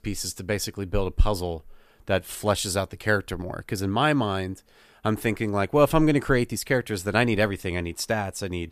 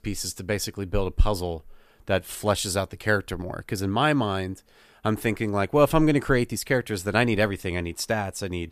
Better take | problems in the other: neither | none

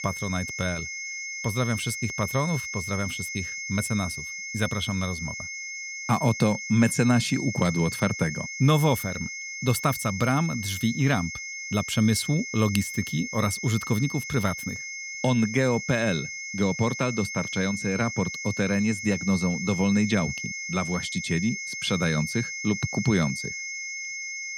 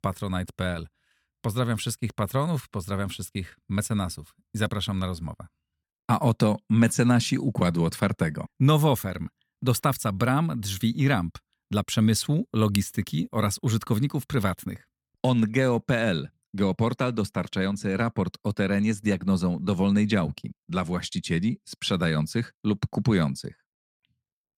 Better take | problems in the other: second | high-pitched whine; loud; throughout; 2 kHz, 6 dB below the speech

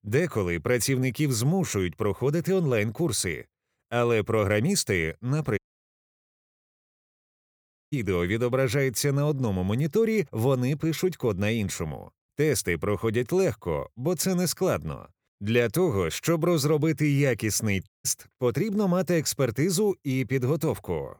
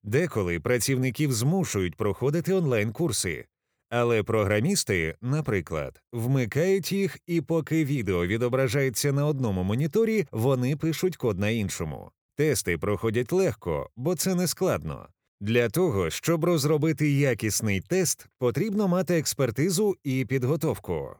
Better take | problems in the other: second | audio cutting out; at 5.5 s for 2.5 s and at 18 s

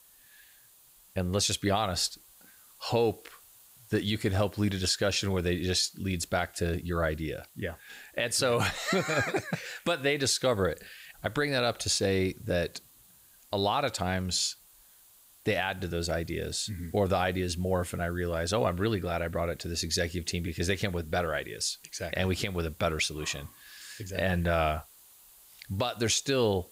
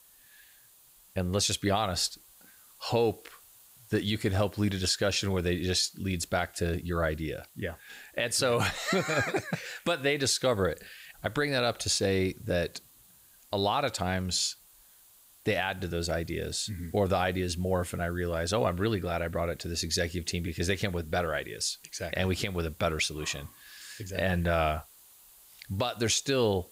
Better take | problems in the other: neither | hiss; faint; throughout; 25 dB below the speech; the same in both

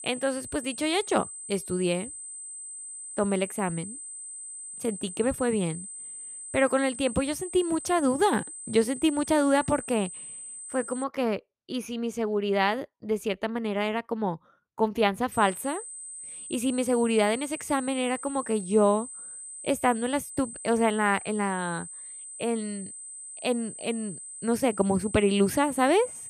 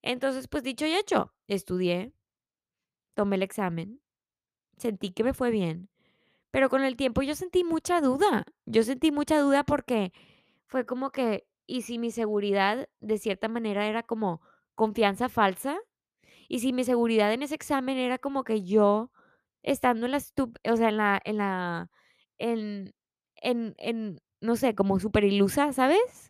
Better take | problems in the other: second | high-pitched whine; noticeable; until 11 s and from 15 s on; 8 kHz, 10 dB below the speech

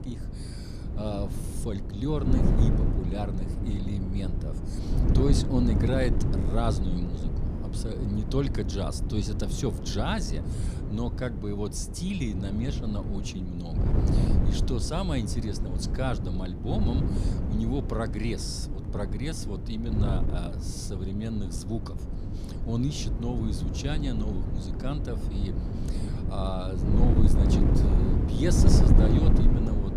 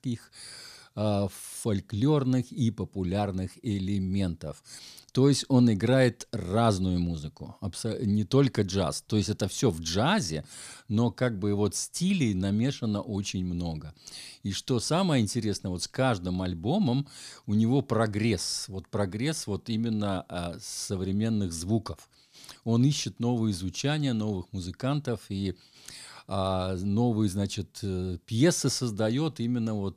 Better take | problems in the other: second | wind noise on the microphone; heavy; 2 dB below the speech

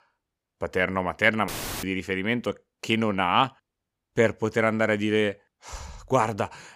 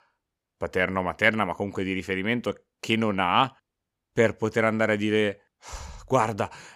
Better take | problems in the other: second | audio cutting out; filled with static; at 1.5 s

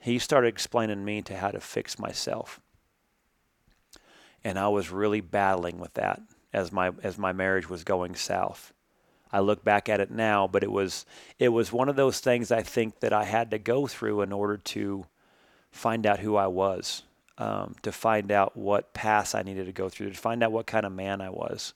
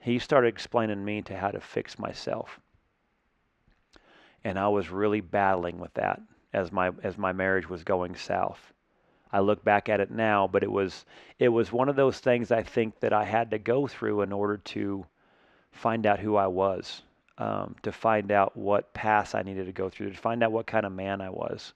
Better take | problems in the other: first | muffled; slightly; fading above 3 kHz

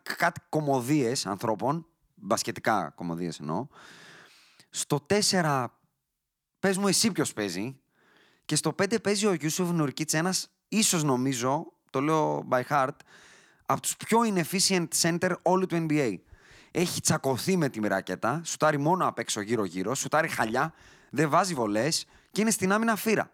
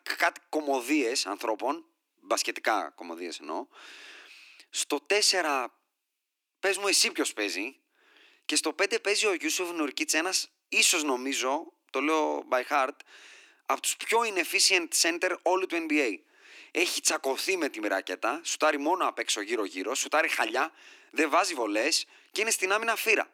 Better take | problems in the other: first | thin; somewhat; fading below 300 Hz

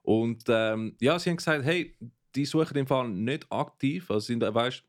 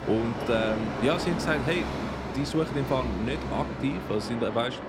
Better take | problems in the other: first | train or aircraft noise; loud; throughout; 4 dB below the speech

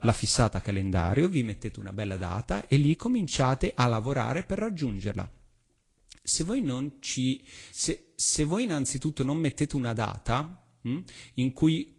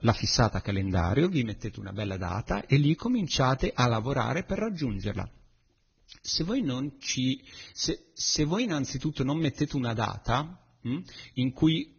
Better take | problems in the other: first | garbled, watery; badly; nothing above 6.5 kHz; slightly in the first

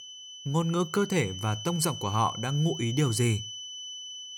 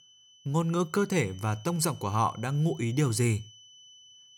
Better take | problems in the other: second | high-pitched whine; loud; throughout; 3 kHz, 10 dB below the speech; faint in the second

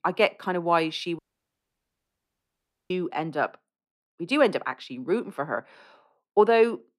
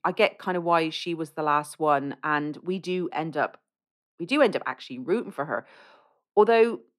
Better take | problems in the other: second | audio cutting out; at 1 s for 1.5 s

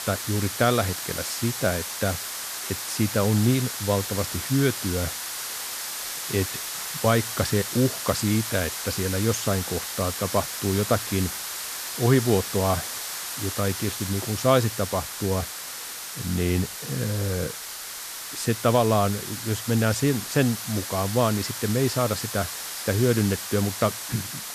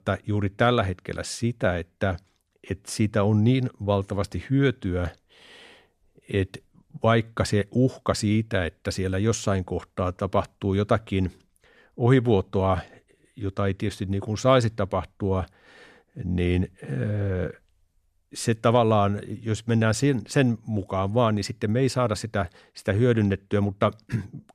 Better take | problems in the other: second | hiss; loud; throughout; 5 dB below the speech

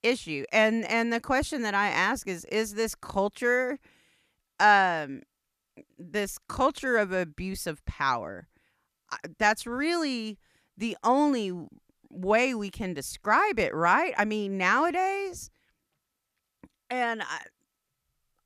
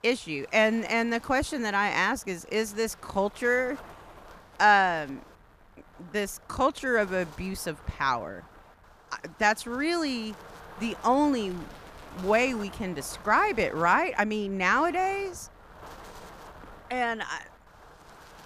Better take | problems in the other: first | wind noise on the microphone; occasional gusts; 20 dB below the speech

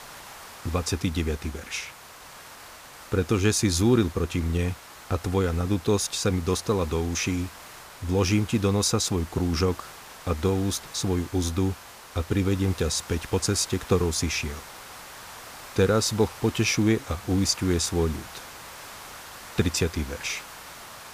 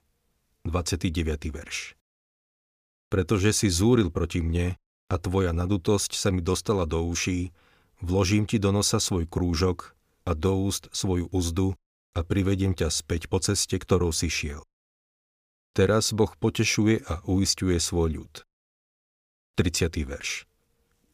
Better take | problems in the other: second | hiss; noticeable; throughout; 15 dB below the speech

